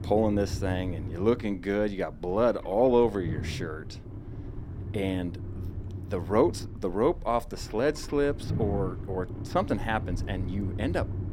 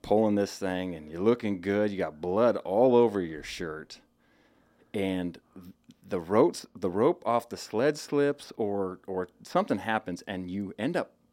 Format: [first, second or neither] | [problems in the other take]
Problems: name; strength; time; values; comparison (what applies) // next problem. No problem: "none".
second | low rumble; noticeable; throughout; 15 dB below the speech